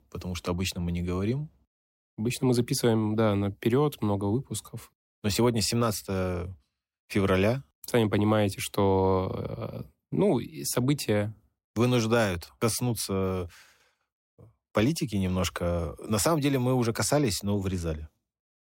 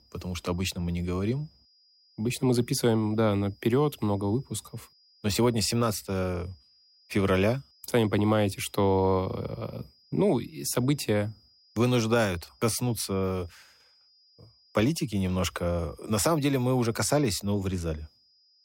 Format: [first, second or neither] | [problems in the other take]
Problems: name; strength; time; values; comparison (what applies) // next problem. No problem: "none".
first | high-pitched whine; faint; throughout; 5 kHz, 30 dB below the speech